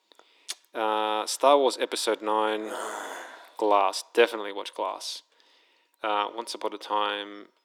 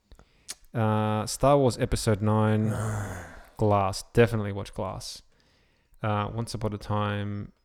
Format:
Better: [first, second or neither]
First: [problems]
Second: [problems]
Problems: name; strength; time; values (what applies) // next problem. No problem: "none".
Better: second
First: thin; very; fading below 300 Hz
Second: none